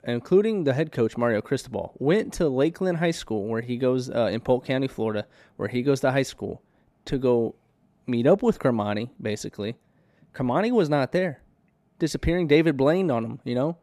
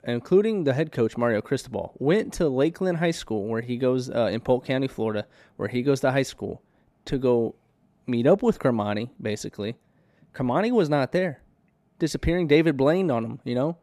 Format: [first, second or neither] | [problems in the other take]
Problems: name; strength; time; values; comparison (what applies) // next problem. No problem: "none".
neither | none